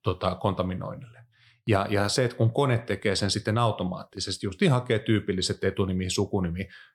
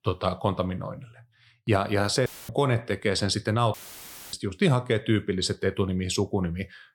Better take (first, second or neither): first